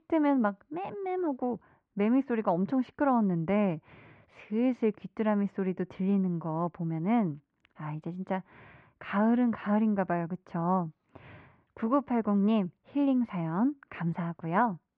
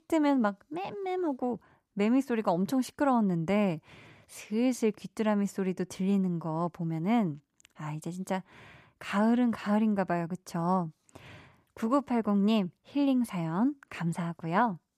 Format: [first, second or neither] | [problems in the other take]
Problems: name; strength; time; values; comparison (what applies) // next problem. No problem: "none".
second | muffled; very; fading above 2.5 kHz